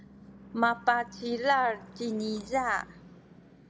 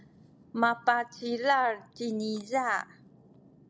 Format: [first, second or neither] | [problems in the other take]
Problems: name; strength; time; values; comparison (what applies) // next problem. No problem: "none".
second | background sound (Car passing by / Engine / Truck); 20 dB below the speech